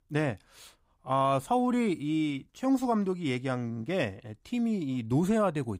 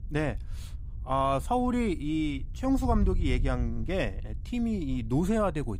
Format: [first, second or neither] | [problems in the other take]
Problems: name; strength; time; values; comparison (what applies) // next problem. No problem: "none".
first | wind noise on the microphone; occasional gusts; 25 dB below the speech